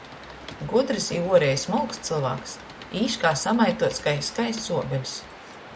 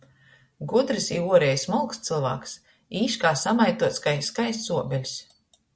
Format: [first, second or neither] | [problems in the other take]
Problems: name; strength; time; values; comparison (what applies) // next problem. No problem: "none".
second | background sound (Computer keyboard + Waves, surf); 16 dB below the speech